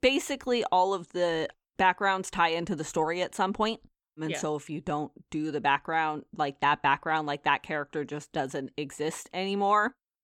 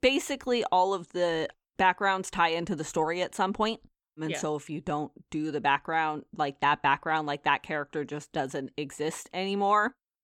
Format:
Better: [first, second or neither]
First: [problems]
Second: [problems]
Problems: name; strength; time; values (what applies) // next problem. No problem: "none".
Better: neither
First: none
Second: none